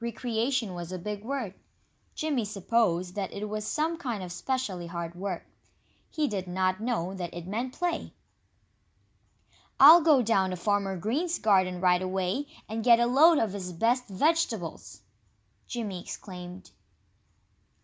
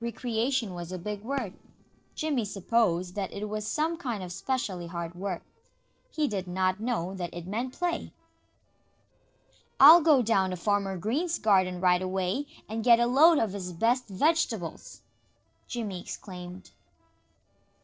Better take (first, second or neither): first